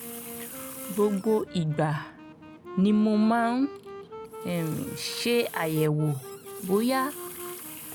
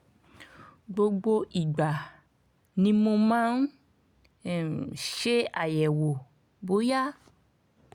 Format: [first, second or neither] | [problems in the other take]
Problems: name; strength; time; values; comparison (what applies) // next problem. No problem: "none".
second | background sound (Water tap, faucet + Wind instrument, woodwind instrument); 13 dB below the speech